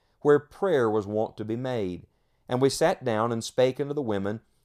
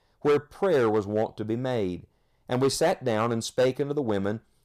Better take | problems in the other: first | distortion; slight; 5% of the sound clipped

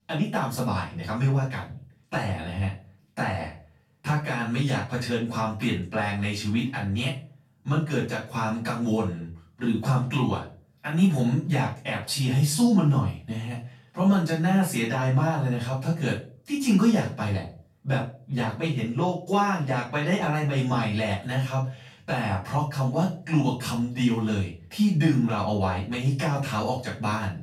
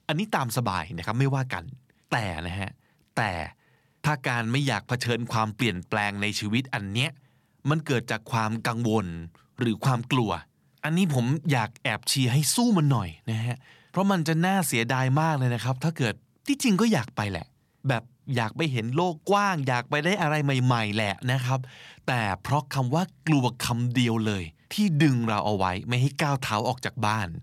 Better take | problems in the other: second | off-mic speech; far // room echo; noticeable; dies away in 0.3 s

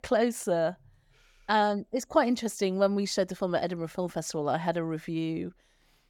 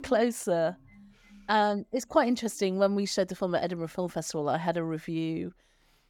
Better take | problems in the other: first | background music; faint; throughout; 30 dB below the speech

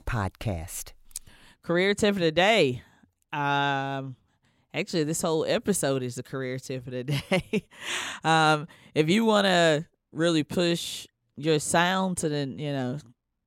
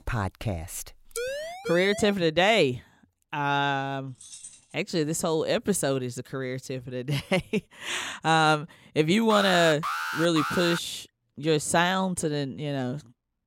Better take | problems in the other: first | siren; noticeable; at 1 s; peak 7 dB below the speech // jangling keys; faint; at 4 s; peak 15 dB below the speech // alarm; noticeable; from 9.5 to 11 s; peak 3 dB below the speech

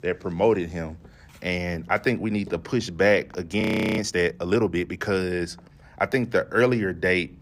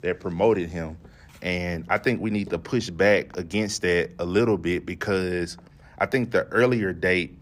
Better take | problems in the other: second | audio freezing; at 3.5 s

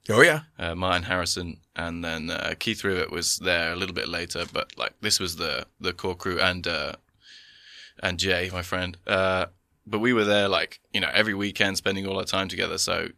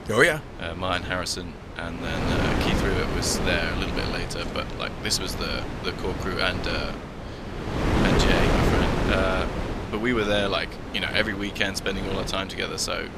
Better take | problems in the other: first | wind noise on the microphone; heavy; 4 dB below the speech

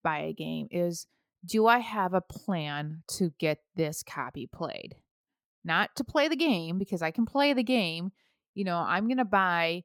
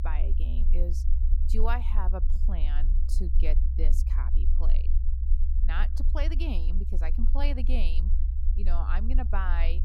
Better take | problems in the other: first | low rumble; noticeable; throughout; 10 dB below the speech

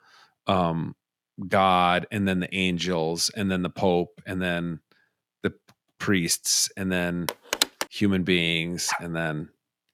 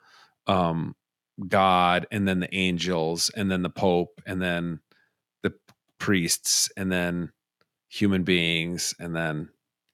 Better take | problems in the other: second | phone ringing; loud; at 7.5 s; peak level with the speech // dog barking; noticeable; at 9 s; peak 7 dB below the speech

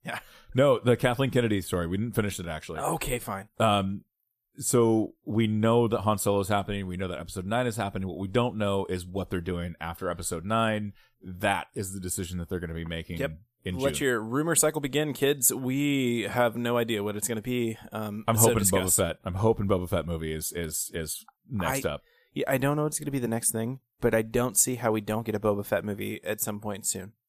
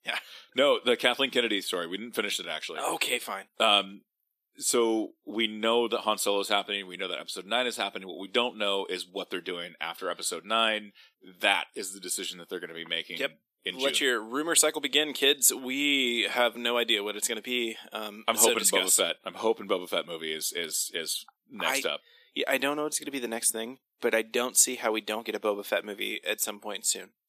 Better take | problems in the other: first | thin; somewhat; fading below 250 Hz

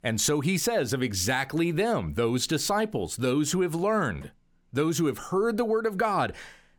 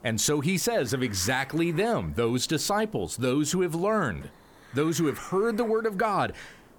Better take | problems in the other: first | hiss; faint; throughout; 25 dB below the speech

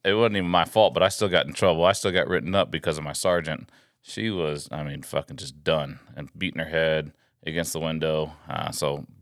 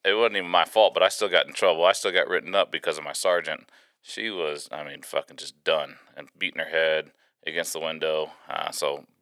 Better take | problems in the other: first | thin; somewhat; fading below 450 Hz

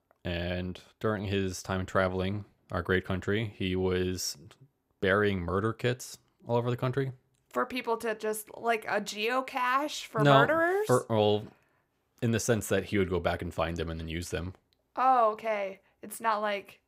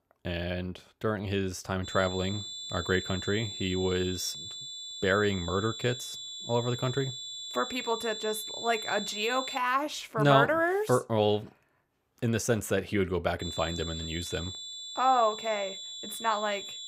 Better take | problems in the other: first | high-pitched whine; loud; from 2 to 9.5 s and from 13 s on; 3.5 kHz, 8 dB below the speech

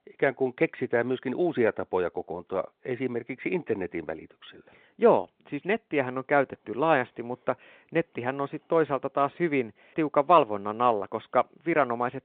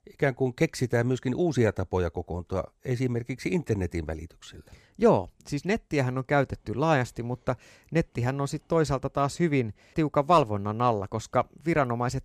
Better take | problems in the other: second | phone-call audio; nothing above 3.5 kHz

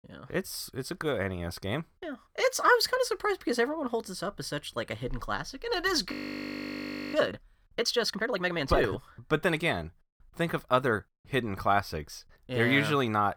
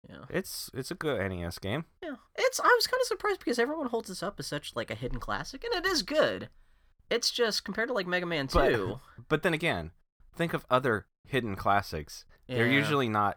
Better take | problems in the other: second | audio freezing; at 6 s for 1 s

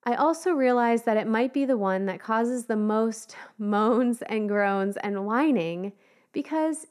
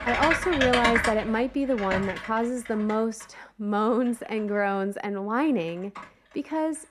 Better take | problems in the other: first | household noises; loud; throughout; as loud as the speech

